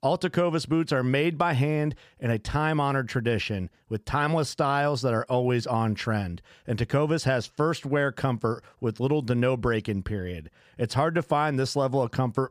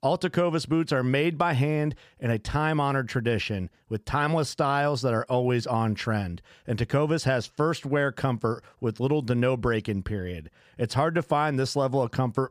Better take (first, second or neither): neither